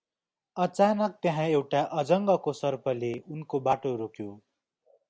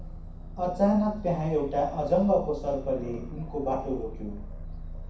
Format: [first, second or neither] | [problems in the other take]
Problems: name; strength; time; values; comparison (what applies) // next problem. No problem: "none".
first | background sound (Aircraft); 10 dB below the speech // room echo; dies away in 0.6 s